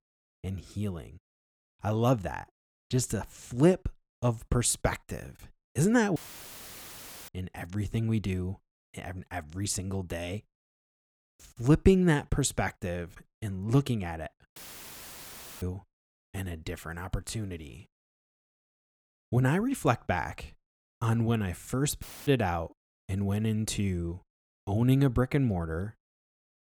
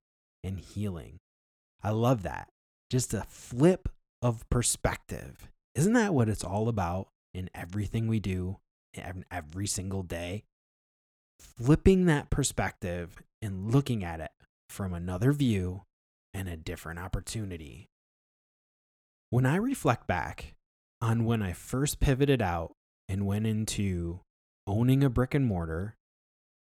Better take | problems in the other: second | audio cutting out; filled with static; at 6 s for 1 s, at 15 s for 1 s and at 22 s

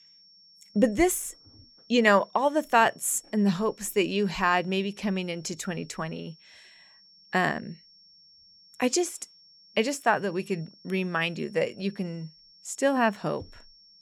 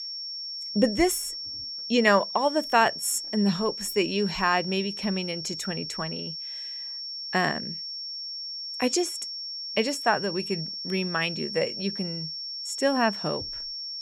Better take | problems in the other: first | high-pitched whine; loud; throughout; 5.5 kHz, 6 dB below the speech; faint in the first

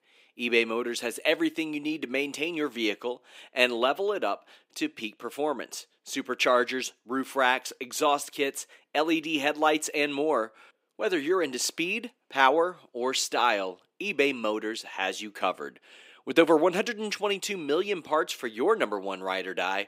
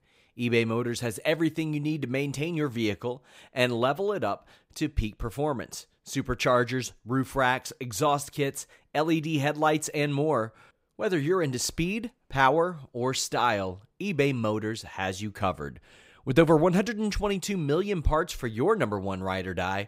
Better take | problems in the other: second | thin; very slightly; fading below 250 Hz

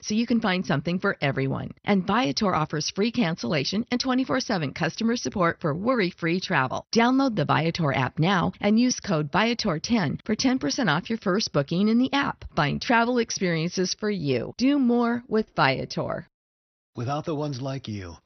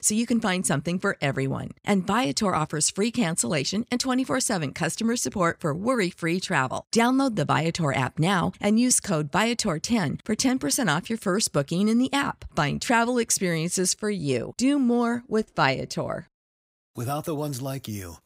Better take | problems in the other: second | garbled, watery; slightly; nothing above 6 kHz

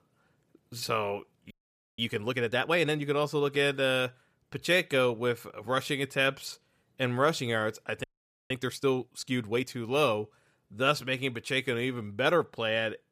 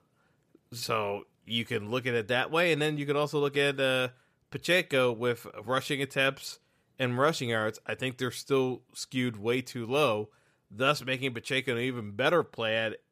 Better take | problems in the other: second | audio freezing; at 1.5 s and at 8 s

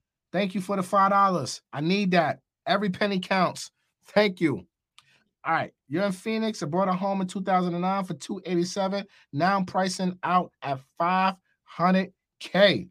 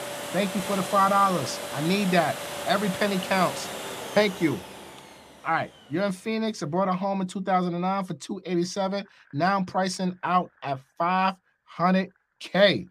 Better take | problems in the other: first | household noises; loud; throughout; 8 dB below the speech

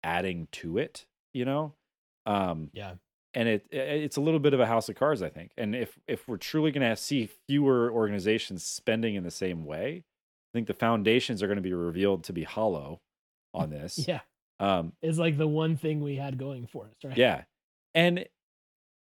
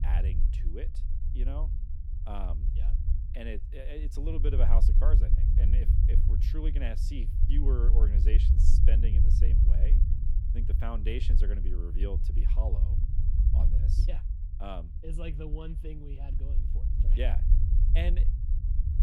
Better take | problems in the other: first | low rumble; loud; throughout; 4 dB below the speech

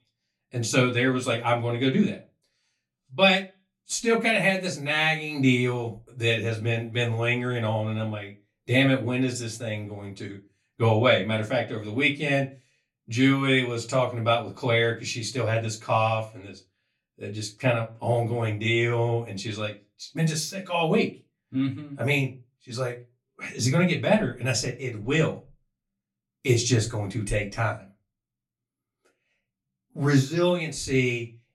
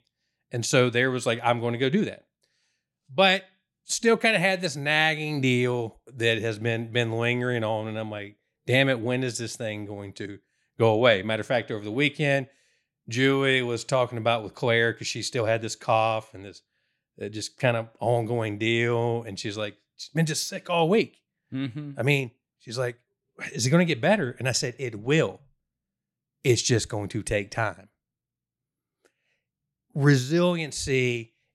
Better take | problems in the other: second | off-mic speech; far // room echo; very slight; dies away in 0.2 s

